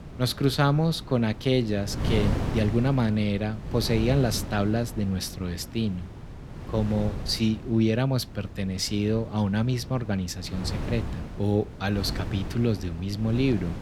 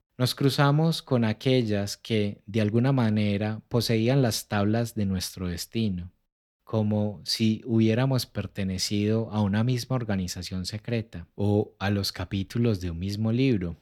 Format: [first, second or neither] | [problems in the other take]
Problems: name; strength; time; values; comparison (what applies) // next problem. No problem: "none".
second | wind noise on the microphone; occasional gusts; 10 dB below the speech